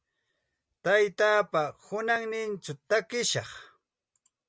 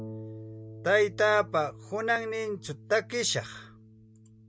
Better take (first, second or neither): first